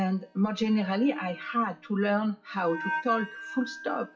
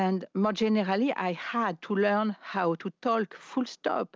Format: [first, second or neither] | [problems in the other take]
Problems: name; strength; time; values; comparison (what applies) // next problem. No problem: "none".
second | noise reduction (classical method WPE with log-MMSE)